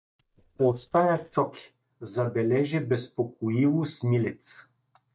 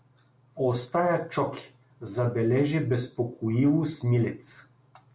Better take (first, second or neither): second